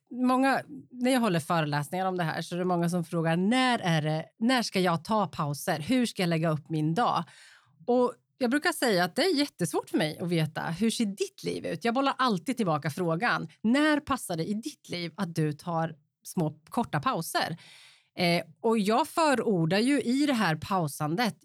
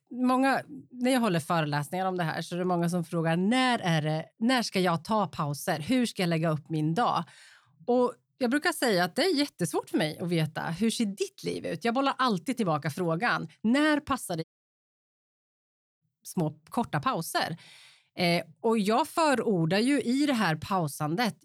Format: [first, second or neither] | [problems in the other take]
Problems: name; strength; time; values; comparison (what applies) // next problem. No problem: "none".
first | audio cutting out; at 14 s for 1.5 s